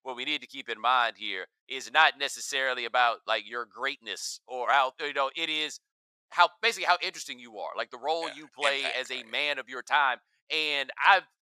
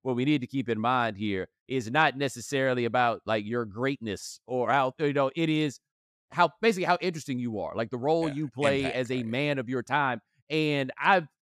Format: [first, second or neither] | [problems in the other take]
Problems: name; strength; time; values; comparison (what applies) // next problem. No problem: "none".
second | thin; very; fading below 950 Hz